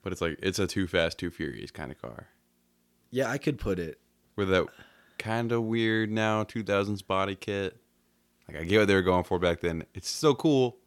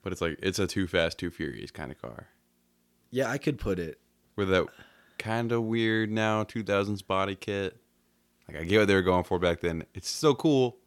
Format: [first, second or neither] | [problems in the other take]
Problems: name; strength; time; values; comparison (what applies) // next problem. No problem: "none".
neither | none